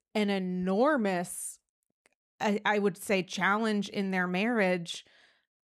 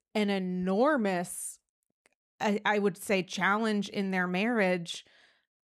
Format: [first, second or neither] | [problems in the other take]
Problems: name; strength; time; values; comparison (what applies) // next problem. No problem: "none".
neither | none